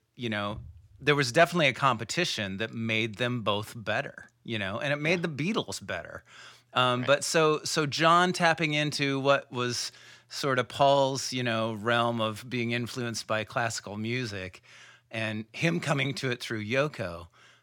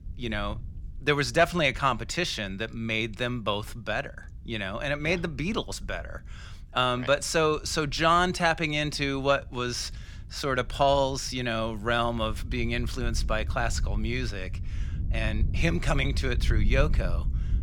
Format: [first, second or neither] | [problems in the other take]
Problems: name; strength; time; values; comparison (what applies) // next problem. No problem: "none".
first | wind noise on the microphone; occasional gusts; 25 dB below the speech